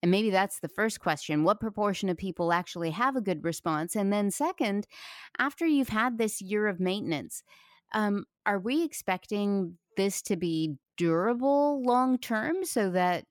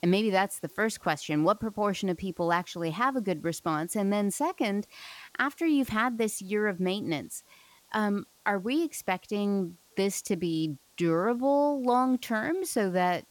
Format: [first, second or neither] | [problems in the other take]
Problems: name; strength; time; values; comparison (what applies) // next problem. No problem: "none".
first | hiss; faint; throughout; 30 dB below the speech